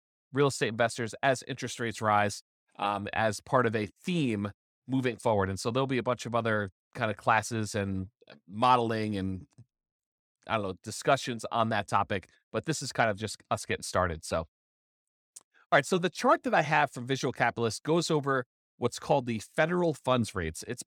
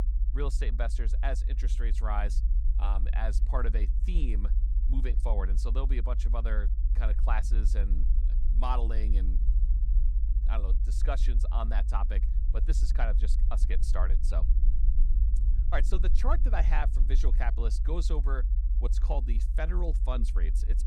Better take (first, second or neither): first